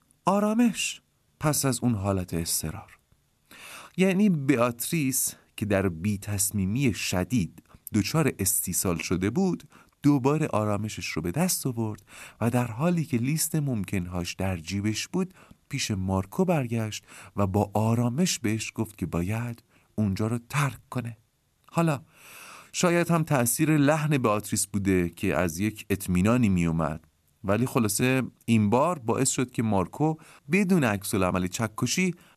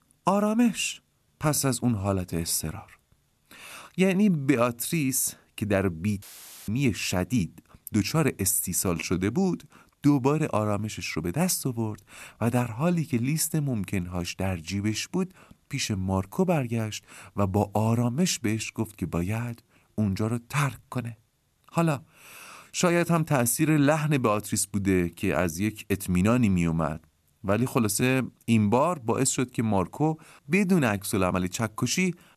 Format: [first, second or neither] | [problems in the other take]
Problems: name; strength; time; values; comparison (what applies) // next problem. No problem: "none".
first | audio cutting out; filled with static; at 6 s